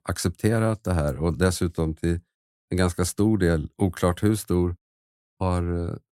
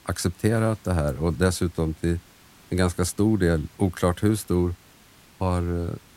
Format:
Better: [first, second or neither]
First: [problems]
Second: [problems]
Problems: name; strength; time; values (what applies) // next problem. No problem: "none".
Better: first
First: none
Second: hiss; faint; throughout; 25 dB below the speech